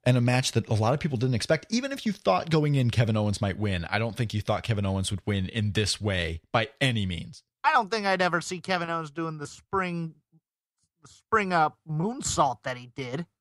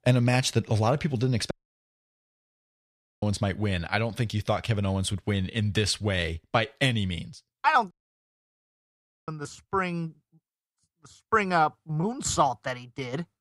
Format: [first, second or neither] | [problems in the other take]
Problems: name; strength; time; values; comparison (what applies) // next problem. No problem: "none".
first | audio cutting out; at 1.5 s for 1.5 s and at 8 s for 1.5 s